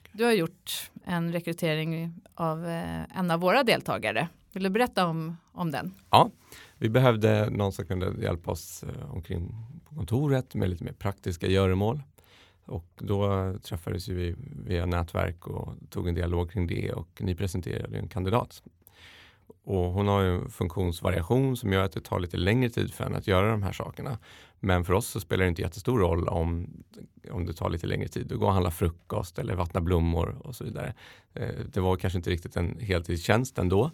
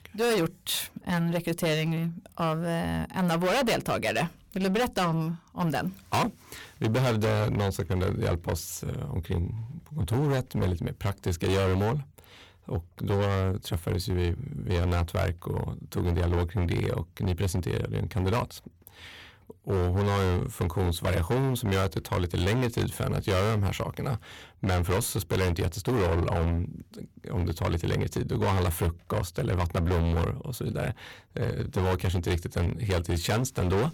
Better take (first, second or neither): first